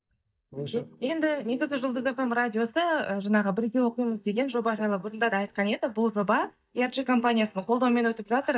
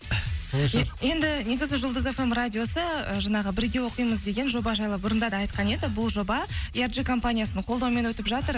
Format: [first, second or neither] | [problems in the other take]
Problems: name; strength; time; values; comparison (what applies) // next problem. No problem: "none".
second | noise reduction (neural mask model DeepFilterNet 3)